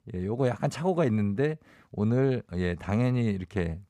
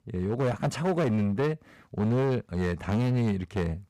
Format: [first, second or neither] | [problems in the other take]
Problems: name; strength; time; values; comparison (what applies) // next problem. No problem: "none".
first | distortion; slight; 14% of the sound clipped